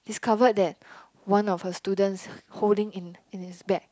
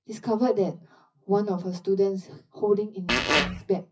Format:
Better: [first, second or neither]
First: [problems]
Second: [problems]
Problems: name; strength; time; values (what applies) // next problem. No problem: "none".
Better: first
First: none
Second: noise reduction (classical method WPE with log-MMSE)